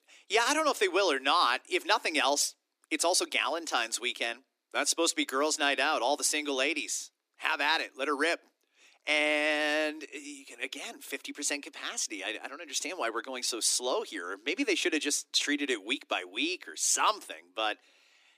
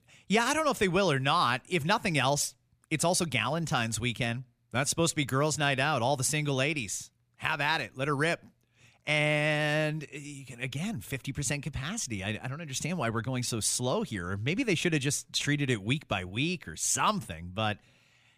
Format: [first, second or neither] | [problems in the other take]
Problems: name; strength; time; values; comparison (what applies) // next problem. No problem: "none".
second | thin; somewhat; fading below 300 Hz